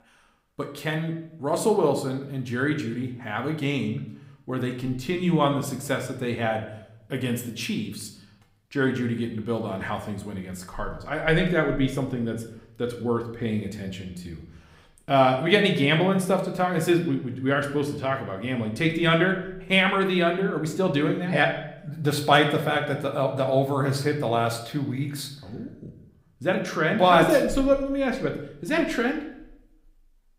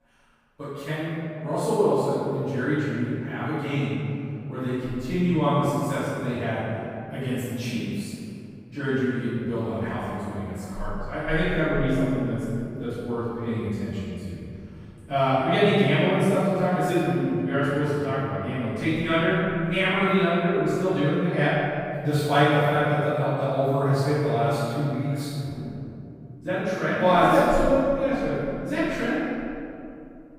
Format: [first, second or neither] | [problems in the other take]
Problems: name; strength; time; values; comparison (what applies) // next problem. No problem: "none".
first | room echo; strong; dies away in 2.6 s; slight in the first // off-mic speech; far